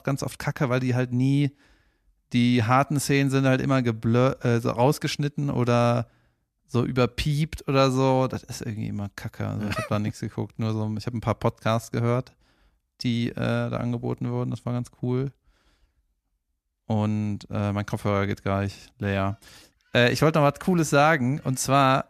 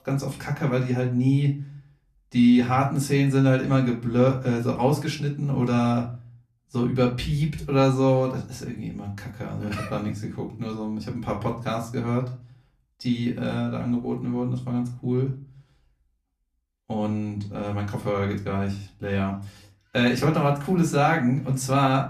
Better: first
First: none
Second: off-mic speech; far // room echo; very slight; dies away in 0.3 s

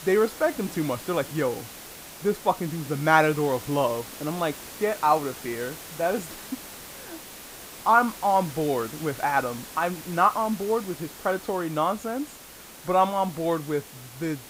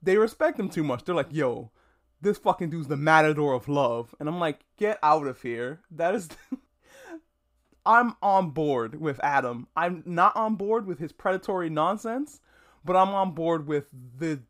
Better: second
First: hiss; noticeable; throughout; 15 dB below the speech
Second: none

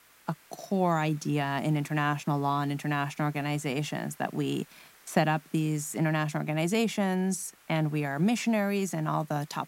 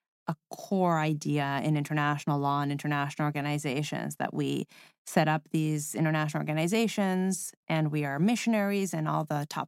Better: second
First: hiss; faint; throughout; 25 dB below the speech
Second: none

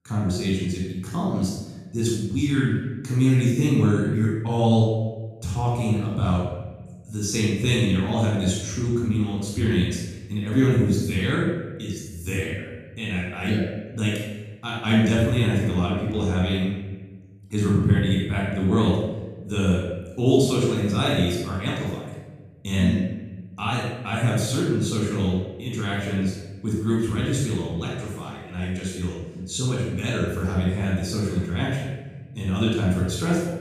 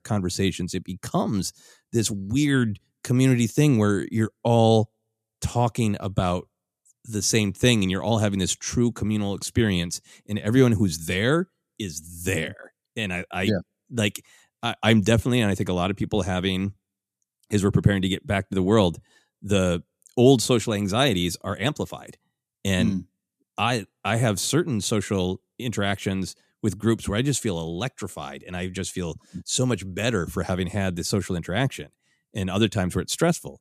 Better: second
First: off-mic speech; far // room echo; strong; dies away in 1.1 s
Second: none

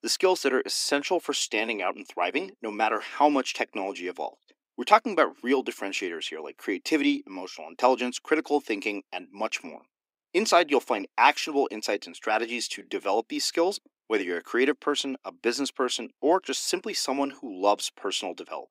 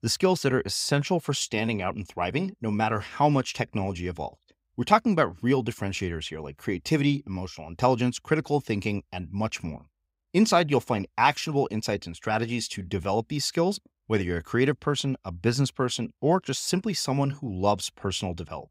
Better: second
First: thin; somewhat; fading below 300 Hz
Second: none

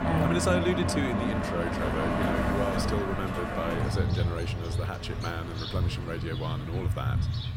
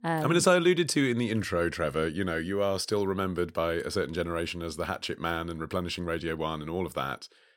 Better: second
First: traffic noise; very loud; throughout; 3 dB above the speech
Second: none

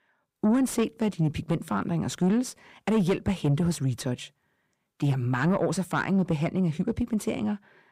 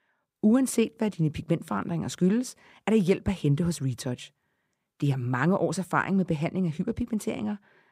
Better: second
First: distortion; slight; 10 dB below the speech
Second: none

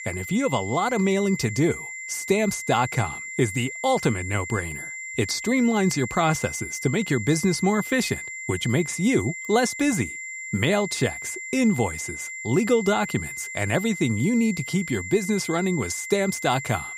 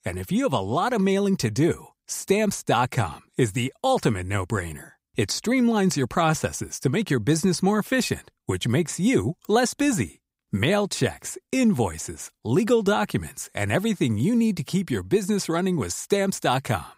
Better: second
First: high-pitched whine; loud; throughout; 2 kHz, 8 dB below the speech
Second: none

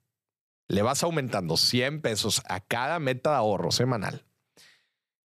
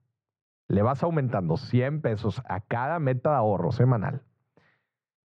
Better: first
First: none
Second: muffled; very; fading above 1 kHz

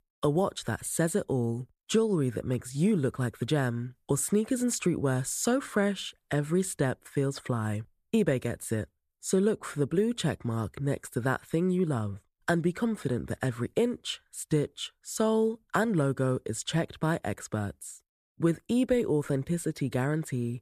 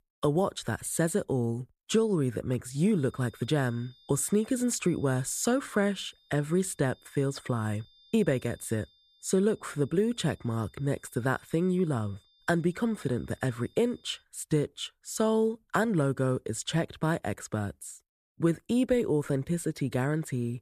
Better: first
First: none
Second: high-pitched whine; faint; from 3 to 14 s; 3.5 kHz, 30 dB below the speech

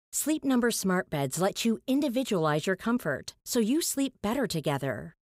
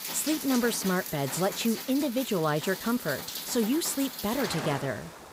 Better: first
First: none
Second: rain or running water; loud; throughout; 7 dB below the speech

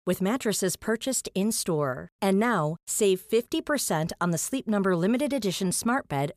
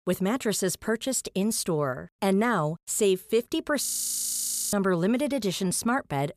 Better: first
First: none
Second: audio freezing; at 4 s for 1 s

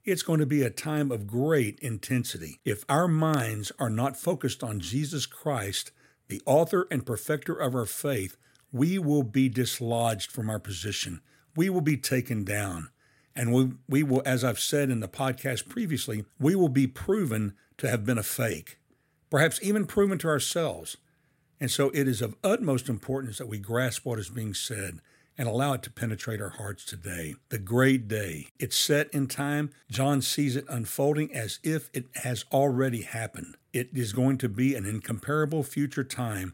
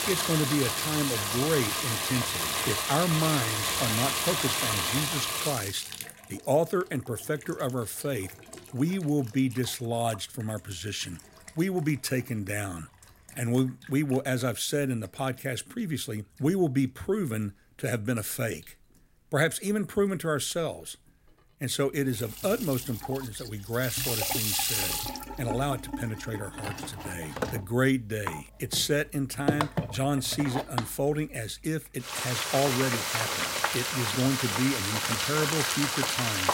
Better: first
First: none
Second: household noises; very loud; throughout; 1 dB above the speech

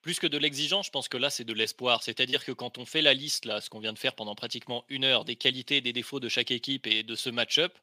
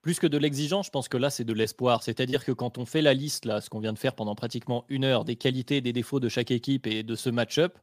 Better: second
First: thin; very slightly; fading below 750 Hz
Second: none

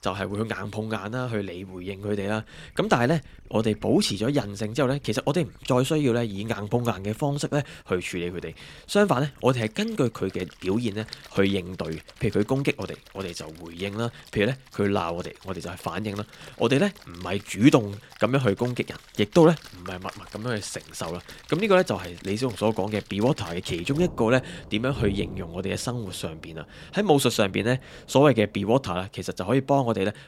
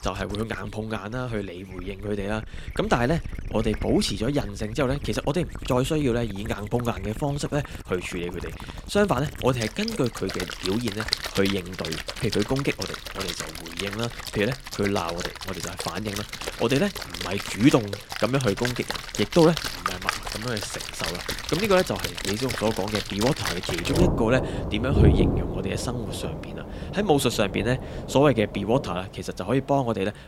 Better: first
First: rain or running water; faint; throughout; 20 dB below the speech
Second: rain or running water; loud; throughout; 5 dB below the speech

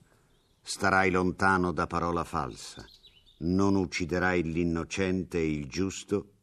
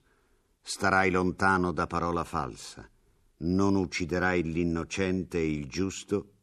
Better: second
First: animal sounds; faint; until 3 s; 30 dB below the speech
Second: none

